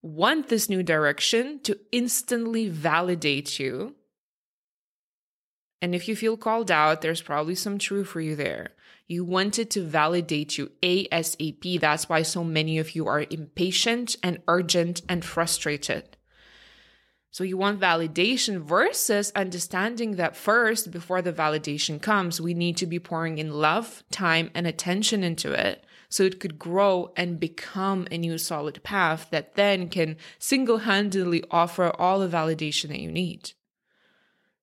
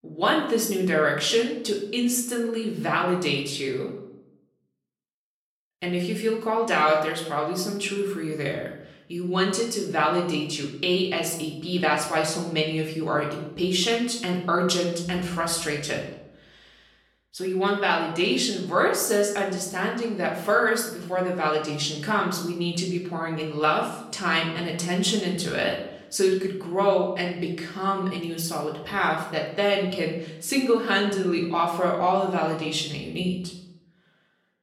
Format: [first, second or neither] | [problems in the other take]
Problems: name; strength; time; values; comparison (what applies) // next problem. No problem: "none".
first | room echo; slight; dies away in 0.6 s // off-mic speech; far